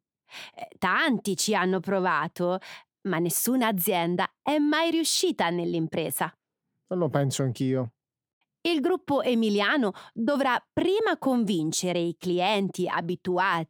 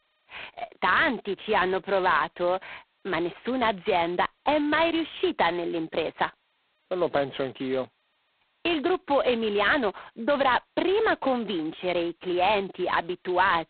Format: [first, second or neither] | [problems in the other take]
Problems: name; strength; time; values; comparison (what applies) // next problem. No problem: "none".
first | phone-call audio; poor line; nothing above 4 kHz